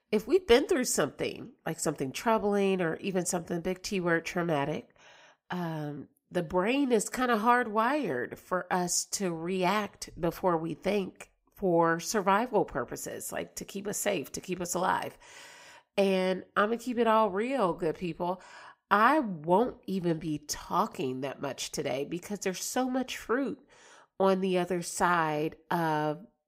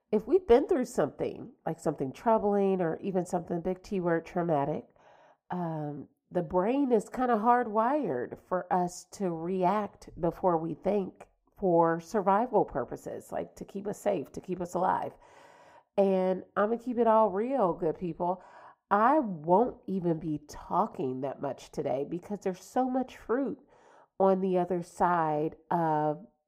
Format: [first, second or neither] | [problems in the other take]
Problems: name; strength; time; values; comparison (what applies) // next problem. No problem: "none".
first | muffled; very; fading above 1.5 kHz